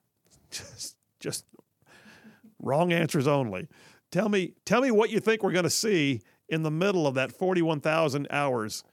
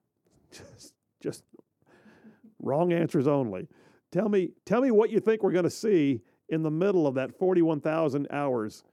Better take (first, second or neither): first